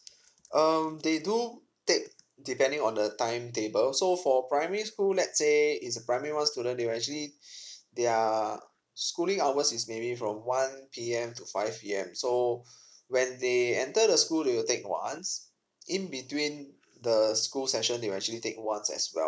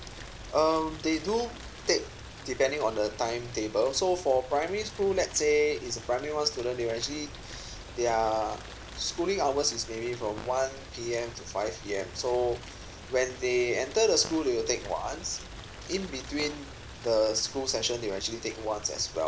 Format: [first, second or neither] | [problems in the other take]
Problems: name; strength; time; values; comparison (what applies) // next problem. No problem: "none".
first | background sound (Rain + Fart); 14 dB below the speech